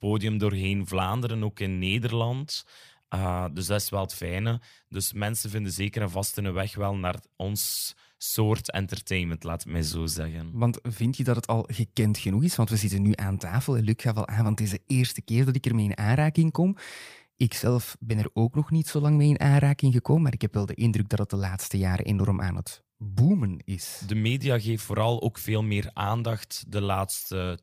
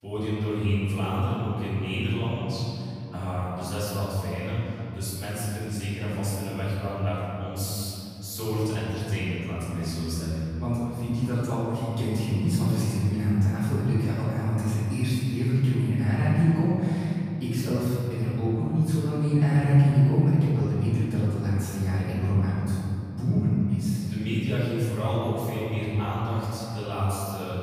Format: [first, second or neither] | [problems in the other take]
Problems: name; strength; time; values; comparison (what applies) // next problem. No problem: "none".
first | room echo; strong; dies away in 3 s // off-mic speech; far